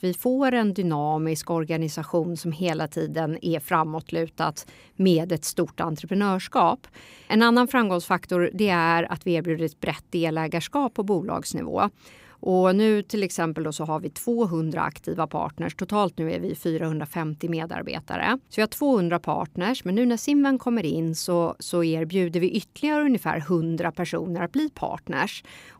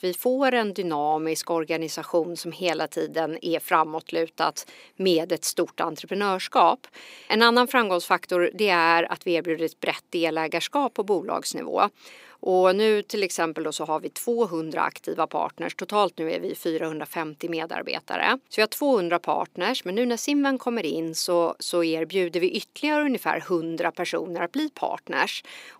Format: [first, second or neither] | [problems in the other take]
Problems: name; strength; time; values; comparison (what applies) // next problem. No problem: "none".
first | thin; somewhat; fading below 400 Hz